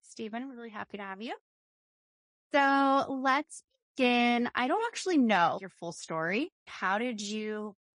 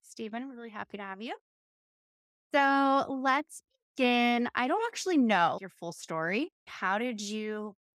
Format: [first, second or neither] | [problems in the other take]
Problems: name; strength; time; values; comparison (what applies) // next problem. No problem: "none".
second | garbled, watery; slightly; nothing above 10.5 kHz